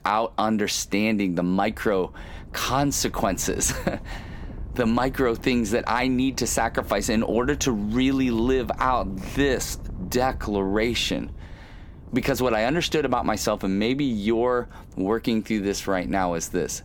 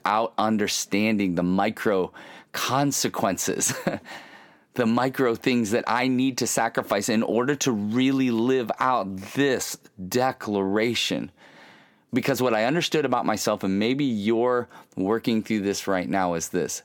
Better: second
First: wind noise on the microphone; occasional gusts; 25 dB below the speech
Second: none

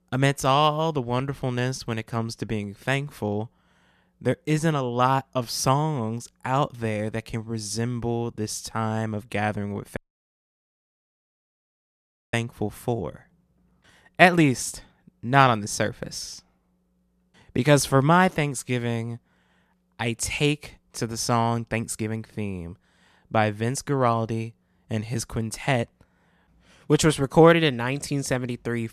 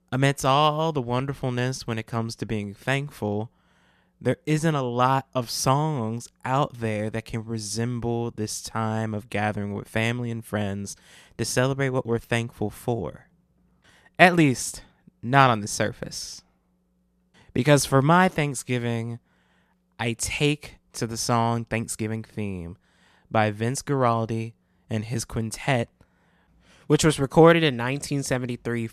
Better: second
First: audio cutting out; at 10 s for 2.5 s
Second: none

